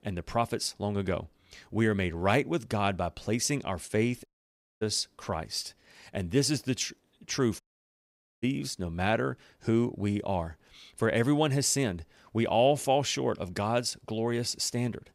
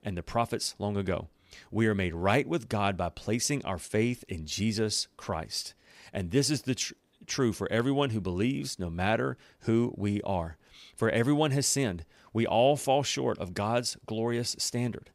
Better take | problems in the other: second | audio cutting out; at 4.5 s for 0.5 s and at 7.5 s for 1 s

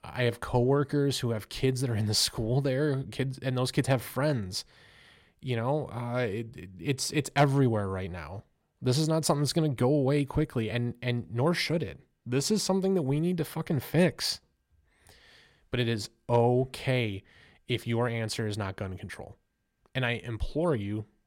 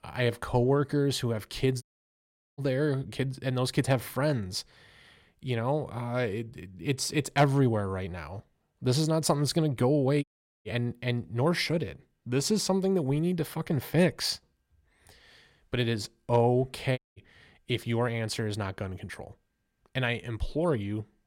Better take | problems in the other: first | audio cutting out; at 2 s for 0.5 s, at 10 s and at 17 s

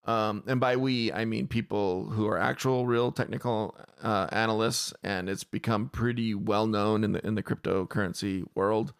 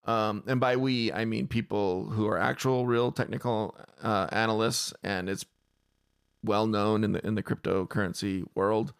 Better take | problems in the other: first | audio freezing; at 5.5 s for 1 s

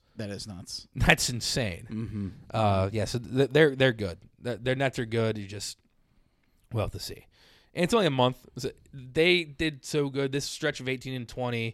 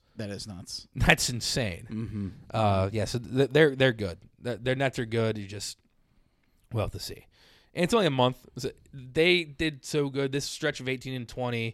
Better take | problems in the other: neither | none

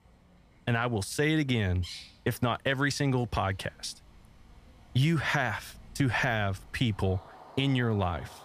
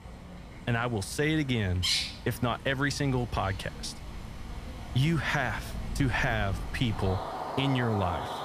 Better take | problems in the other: first | animal sounds; loud; throughout; 7 dB below the speech; faint in the first

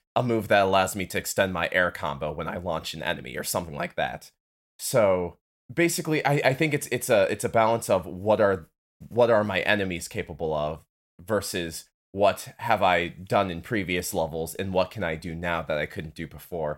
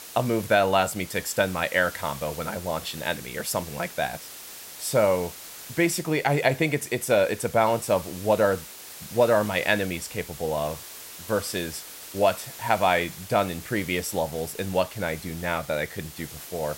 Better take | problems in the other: first | hiss; noticeable; throughout; 15 dB below the speech

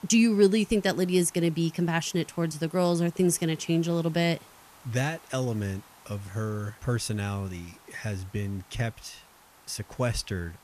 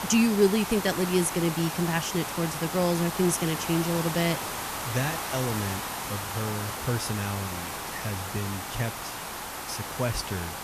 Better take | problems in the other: first | hiss; loud; throughout; 4 dB below the speech; faint in the first

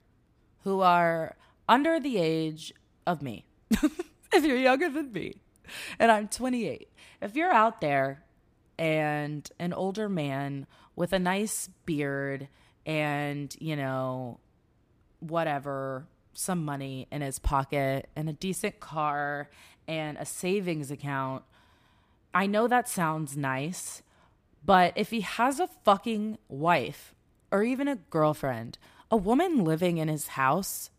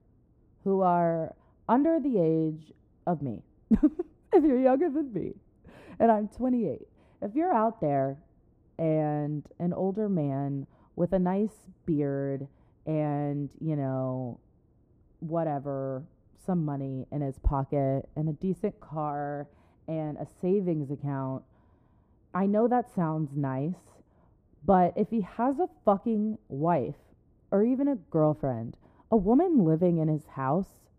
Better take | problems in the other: first | muffled; very; fading above 1.5 kHz

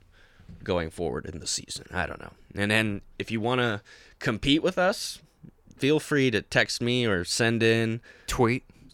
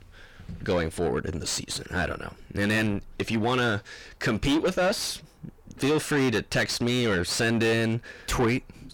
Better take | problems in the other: first | distortion; heavy; 5 dB below the speech

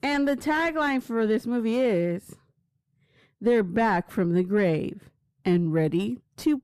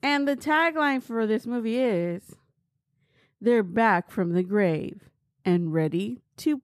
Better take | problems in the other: second | distortion; slight; 10 dB below the speech

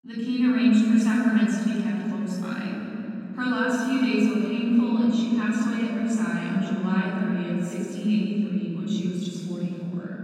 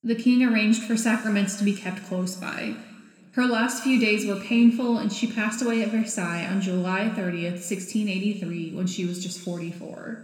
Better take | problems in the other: second | room echo; strong; dies away in 3 s; slight in the second // off-mic speech; far

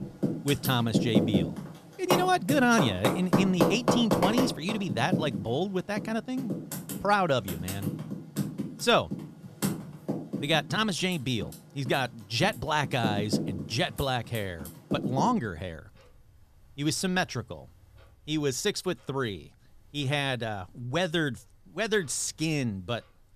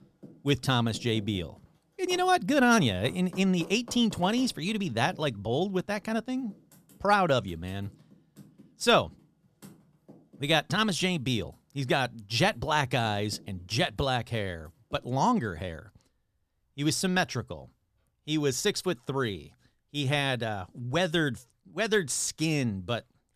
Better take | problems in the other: second | household noises; loud; throughout; 3 dB below the speech; faint in the second

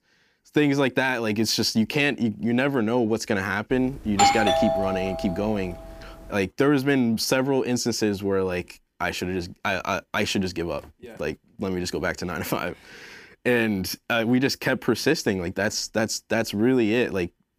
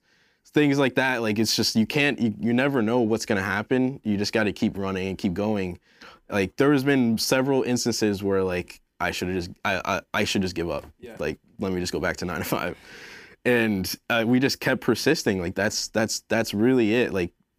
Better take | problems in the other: second | doorbell; loud; from 4 to 5.5 s; peak 5 dB above the speech

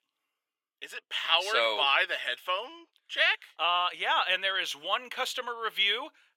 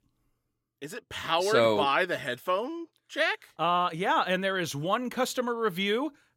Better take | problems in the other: second | thin; very; fading below 700 Hz

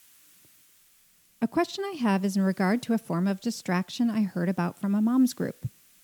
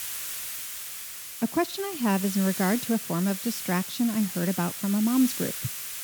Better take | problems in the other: first | hiss; loud; throughout; 6 dB below the speech; faint in the first

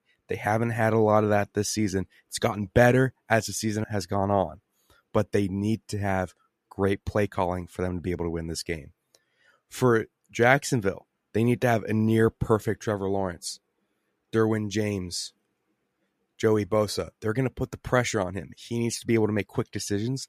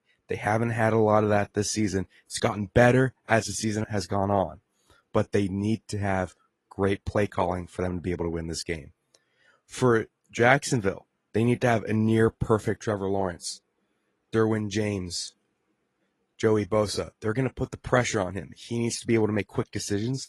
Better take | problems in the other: first | garbled, watery; slightly; nothing above 11 kHz

